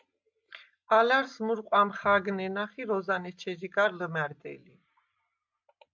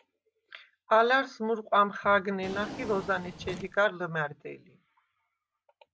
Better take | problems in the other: first | background sound (Drawer open or close); 13 dB below the speech

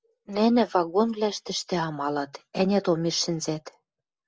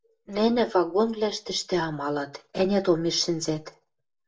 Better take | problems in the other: first | room echo; dies away in 0.2 s

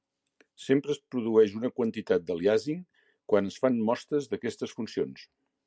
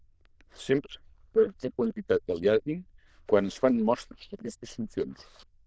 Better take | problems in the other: first | noise reduction (neural diffusion model UNIVERSE++)

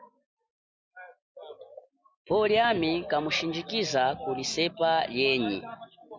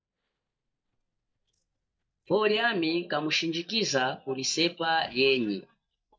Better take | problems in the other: first | noise reduction (neural mask model DeepFilterNet 3)

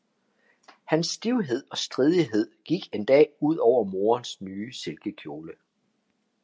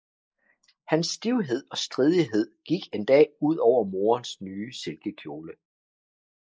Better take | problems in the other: first | noise reduction (neural mask model Resemble Enhance denoiser)

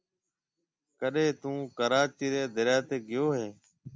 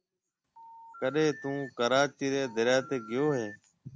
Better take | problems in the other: first | background sound (Telephone); 18 dB below the speech

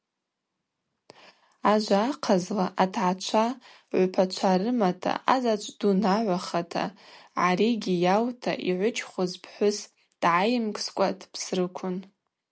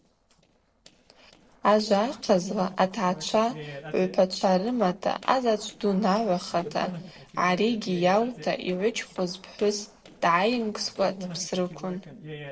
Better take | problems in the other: first | noise reduction (neural separator model SepFormer DNS4)

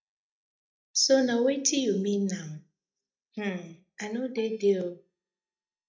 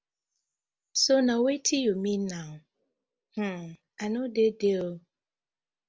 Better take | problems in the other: second | noise reduction (neural mask model DeepFilterNet 3)

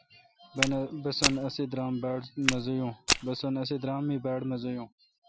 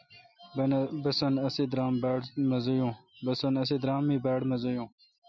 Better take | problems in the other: second | background sound (Walk, footsteps); as loud as the speech

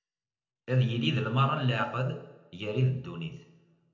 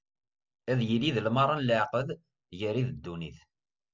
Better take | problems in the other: second | room echo; dies away in 0.8 s

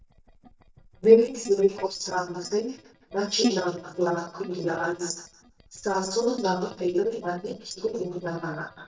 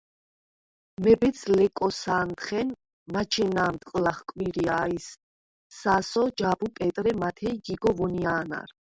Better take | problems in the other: second | noise reduction (neural mask model DeepFilterNet 3)

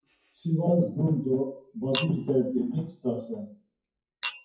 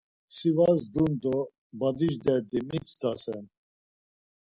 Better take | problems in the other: second | noise reduction (classical method WPE with log-MMSE)

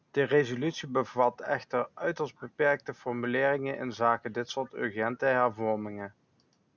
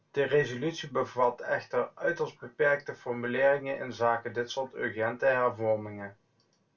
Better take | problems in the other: first | room echo; dies away in 0.2 s

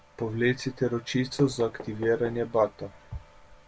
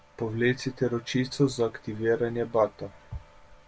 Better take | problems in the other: second | background sound (Knock); 19 dB below the speech

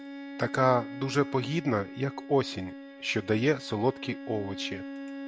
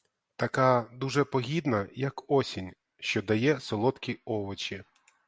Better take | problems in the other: second | background sound (Bowed string instrument); 11 dB below the speech

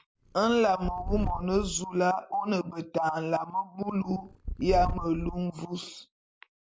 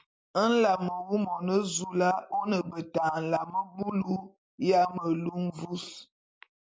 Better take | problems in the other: second | background sound (Purr); 7 dB below the speech

